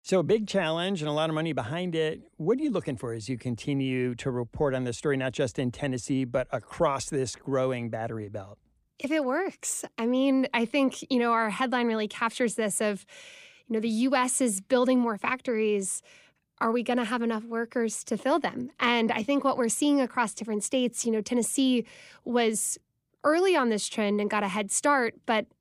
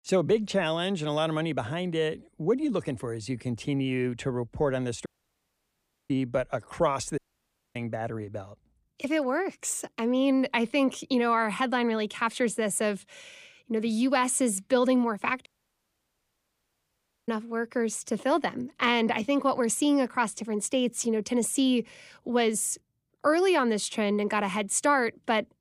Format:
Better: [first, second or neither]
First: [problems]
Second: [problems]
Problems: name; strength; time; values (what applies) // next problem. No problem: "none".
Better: first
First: none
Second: audio cutting out; at 5 s for 1 s, at 7 s for 0.5 s and at 15 s for 2 s